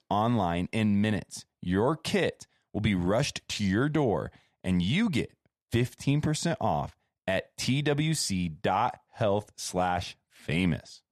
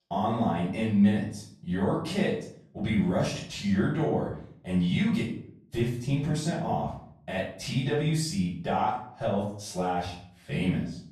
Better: first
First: none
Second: room echo; noticeable; dies away in 0.5 s // off-mic speech; far

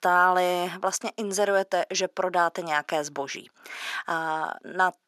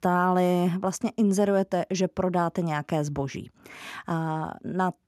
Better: second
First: thin; very; fading below 550 Hz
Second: none

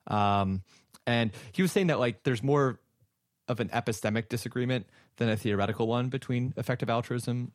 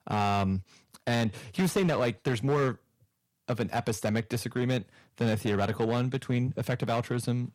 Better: first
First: none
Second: distortion; slight; 6% of the sound clipped

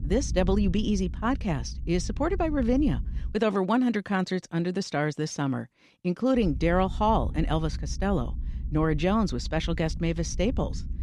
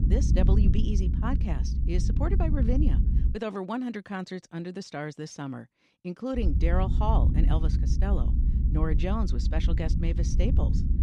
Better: first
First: low rumble; faint; until 3.5 s and from 6.5 s on; 20 dB below the speech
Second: low rumble; loud; until 3.5 s and from 6.5 s on; 6 dB below the speech

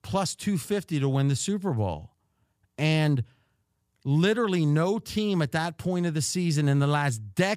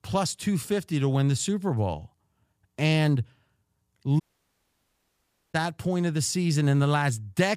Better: first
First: none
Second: audio cutting out; at 4 s for 1.5 s

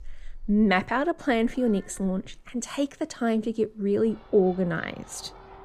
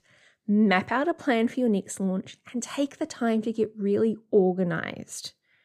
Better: second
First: animal sounds; faint; throughout; 25 dB below the speech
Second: none

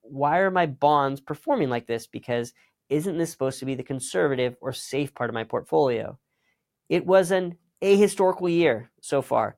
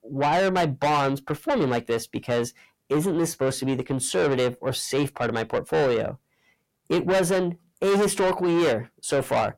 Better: first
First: none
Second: distortion; heavy; 6 dB below the speech

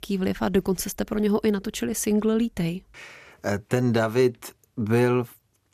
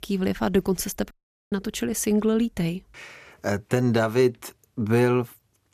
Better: first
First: none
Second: audio cutting out; at 1 s

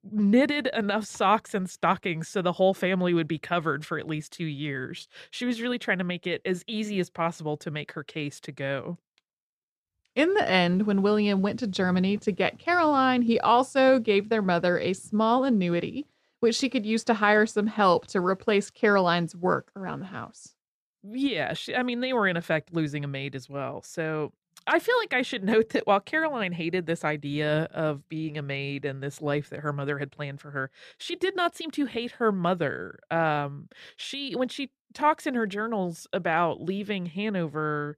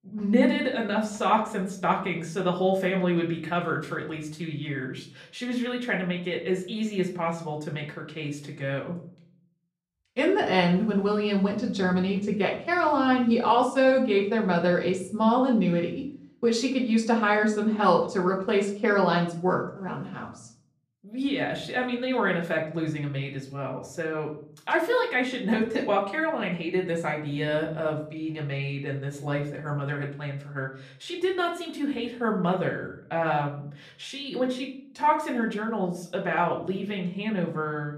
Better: first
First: none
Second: room echo; slight; dies away in 0.4 s // off-mic speech; far

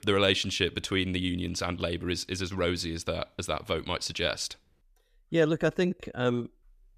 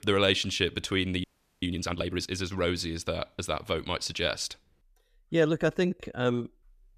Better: first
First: none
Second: audio freezing; at 1 s

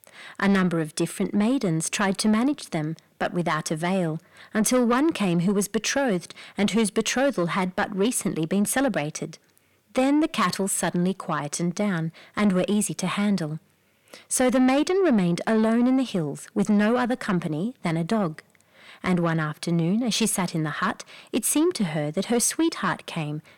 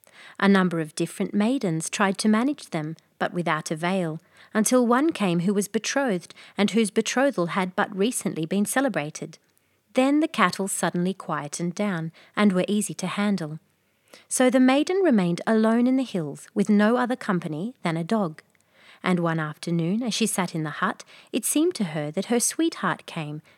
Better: second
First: distortion; slight; 10 dB below the speech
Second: none

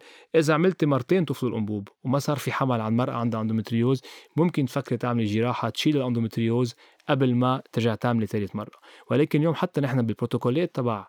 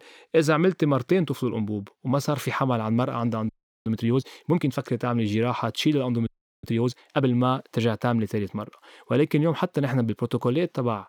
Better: first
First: none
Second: audio freezing; at 3.5 s and at 6.5 s

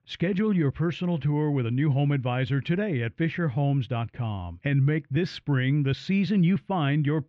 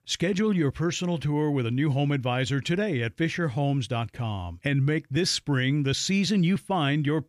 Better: second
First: muffled; slightly; fading above 3 kHz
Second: none

